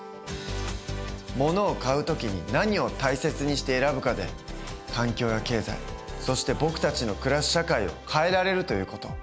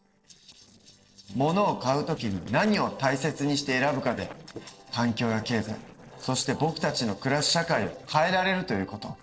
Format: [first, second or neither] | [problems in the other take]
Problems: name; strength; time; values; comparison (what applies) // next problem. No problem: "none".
first | noise reduction (neural separator model SepFormer DNS4)